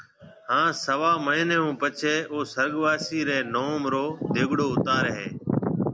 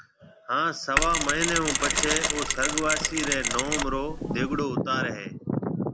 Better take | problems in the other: first | background sound (Mechanisms); as loud as the speech

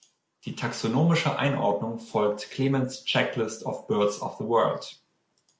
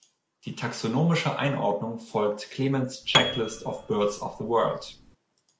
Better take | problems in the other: first | background sound (Piano); 4 dB below the speech

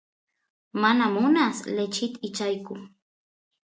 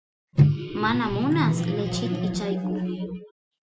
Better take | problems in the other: first | background sound (Microwave oven); 5 dB above the speech

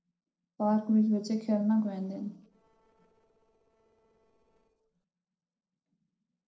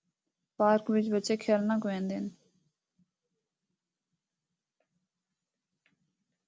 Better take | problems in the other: second | noise reduction (neural separator model SepFormer DNS4)

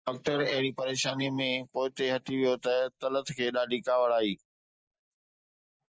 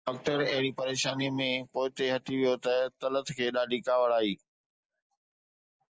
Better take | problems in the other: second | noise reduction (neural mask model Resemble Enhance denoiser)

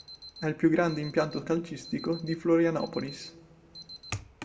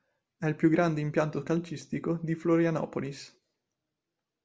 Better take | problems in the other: second | background sound (Alarm); 16 dB below the speech // room echo; dies away in 1.9 s

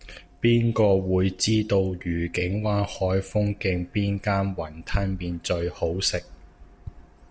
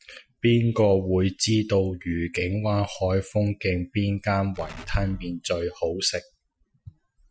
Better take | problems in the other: first | noise reduction (classical method Wiener filter)

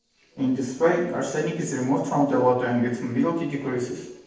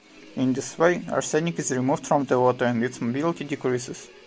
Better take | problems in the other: second | noise reduction (neural separator model SepFormer DNS4)

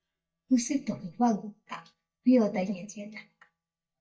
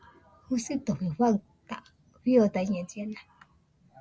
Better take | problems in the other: second | noise reduction (neural mask model DeepFilterNet 3)

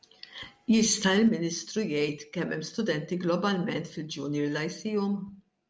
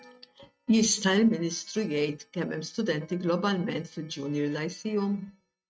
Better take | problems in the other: first | noise reduction (neural mask model RNNoise)

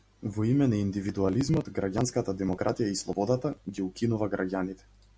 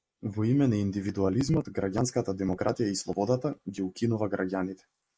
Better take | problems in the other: first | noise reduction (neural mask model Resemble Enhance denoiser)

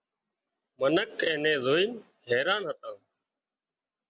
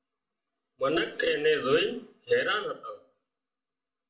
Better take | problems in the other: first | room echo; dies away in 0.4 s

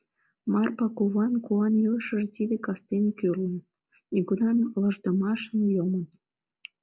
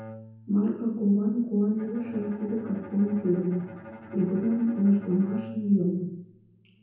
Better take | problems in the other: first | background sound (Bowed string instrument); 18 dB below the speech // room echo; dies away in 0.9 s

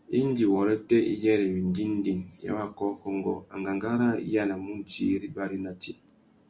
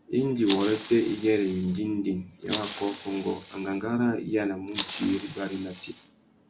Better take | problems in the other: first | background sound (Fire); 13 dB below the speech

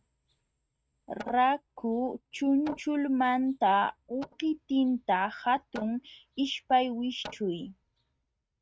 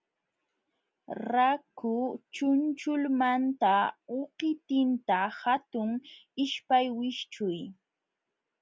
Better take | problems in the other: second | noise reduction (neural mask model RNNoise)

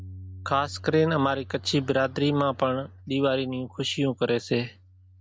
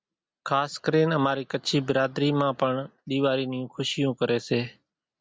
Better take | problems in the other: second | background sound (Bass guitar); 19 dB below the speech

